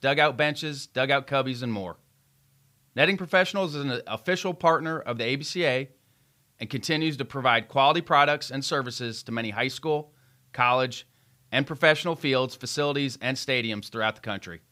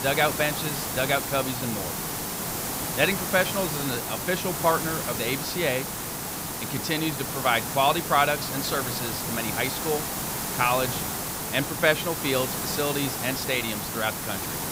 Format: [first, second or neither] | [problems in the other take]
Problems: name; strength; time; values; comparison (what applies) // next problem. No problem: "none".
first | hiss; loud; throughout; 2 dB below the speech